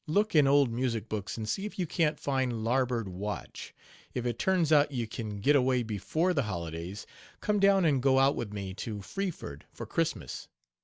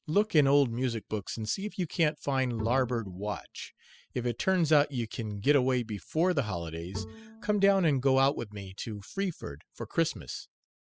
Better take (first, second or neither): first